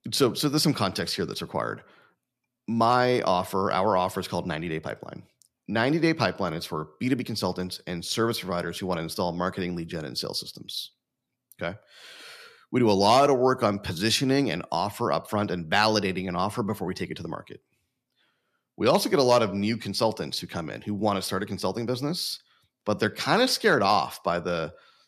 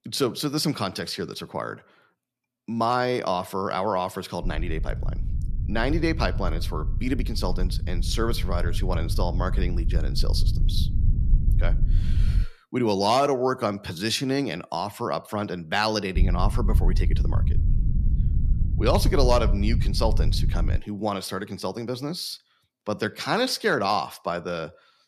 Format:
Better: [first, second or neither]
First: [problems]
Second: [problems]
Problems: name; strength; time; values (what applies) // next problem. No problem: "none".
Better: first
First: none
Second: low rumble; noticeable; from 4.5 to 12 s and from 16 to 21 s; 15 dB below the speech